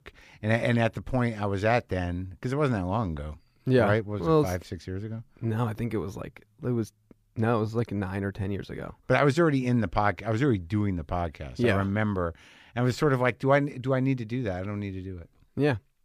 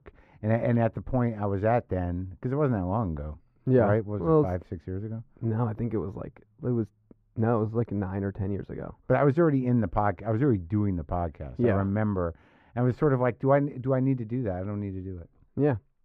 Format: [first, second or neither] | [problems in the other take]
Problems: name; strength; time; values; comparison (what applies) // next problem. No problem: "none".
first | muffled; very; fading above 2.5 kHz